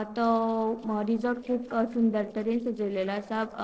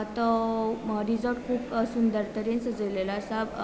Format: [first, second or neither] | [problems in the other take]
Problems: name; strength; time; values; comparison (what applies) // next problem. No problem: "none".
second | noise reduction (neural separator model SepFormer DNS4)